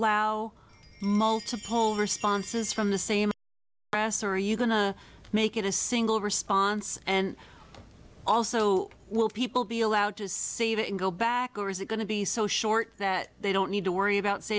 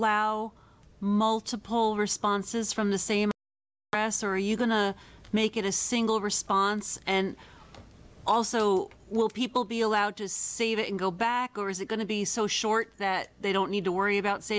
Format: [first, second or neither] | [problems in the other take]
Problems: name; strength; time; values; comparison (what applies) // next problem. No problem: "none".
second | background sound (Chime); 19 dB below the speech